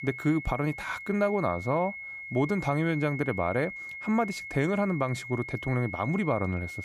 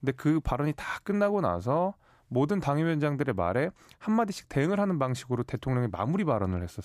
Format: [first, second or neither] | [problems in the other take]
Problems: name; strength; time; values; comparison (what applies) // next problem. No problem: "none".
second | high-pitched whine; loud; throughout; 2 kHz, 9 dB below the speech